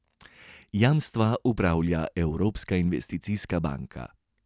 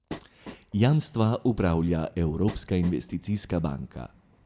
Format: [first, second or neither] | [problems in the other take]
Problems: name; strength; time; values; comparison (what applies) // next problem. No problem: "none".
first | background sound (Train); 19 dB below the speech // room echo; dies away in 0.6 s